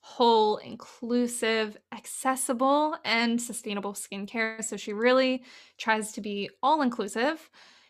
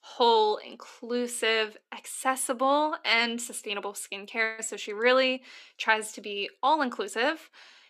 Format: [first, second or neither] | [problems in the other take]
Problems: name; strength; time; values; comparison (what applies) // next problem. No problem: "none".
first | thin; very slightly; fading below 300 Hz